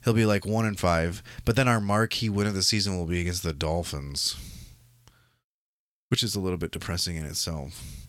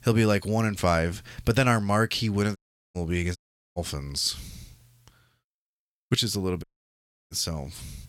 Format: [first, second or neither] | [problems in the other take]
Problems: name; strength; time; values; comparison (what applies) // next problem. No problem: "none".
first | audio cutting out; at 2.5 s, at 3.5 s and at 6.5 s for 0.5 s